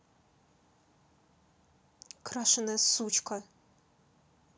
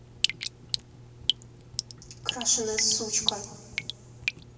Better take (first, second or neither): first